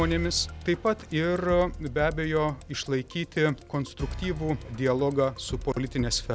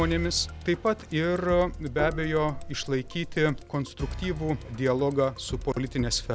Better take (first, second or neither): first